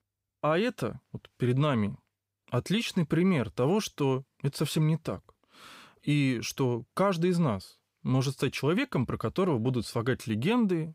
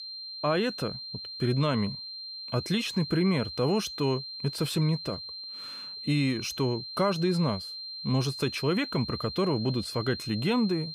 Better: first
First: none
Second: high-pitched whine; loud; throughout; 4 kHz, 8 dB below the speech

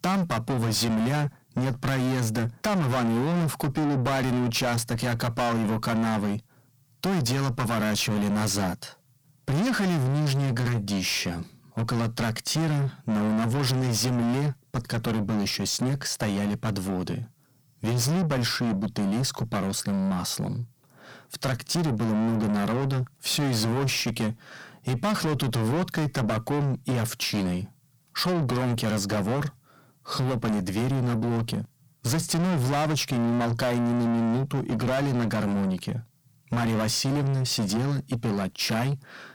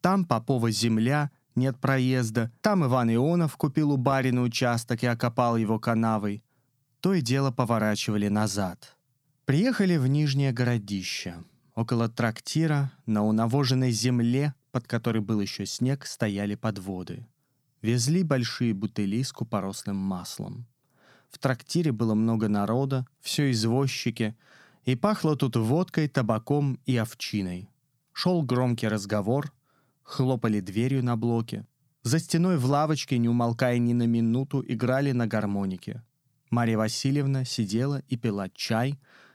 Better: second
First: distortion; heavy; 5 dB below the speech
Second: none

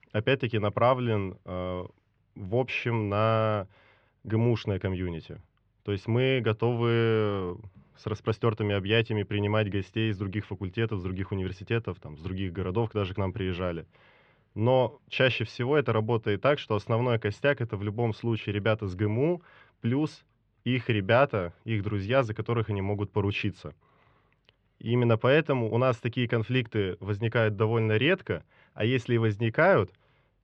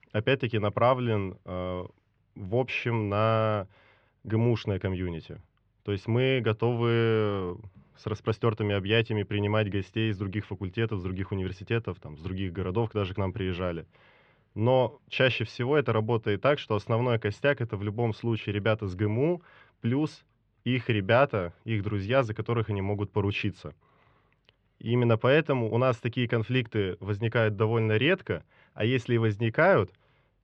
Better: neither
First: muffled; very; fading above 3.5 kHz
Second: muffled; very; fading above 3.5 kHz

